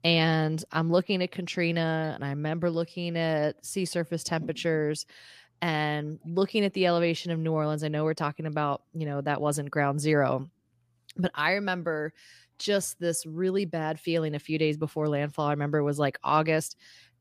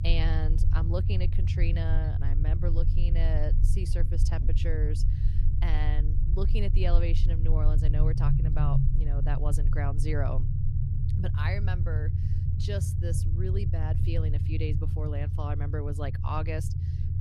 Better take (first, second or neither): first